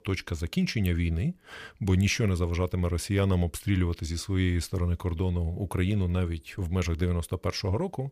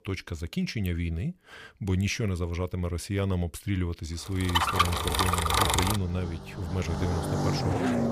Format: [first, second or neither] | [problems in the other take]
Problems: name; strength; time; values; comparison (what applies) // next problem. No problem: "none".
first | traffic noise; very loud; from 4.5 s on; 4 dB above the speech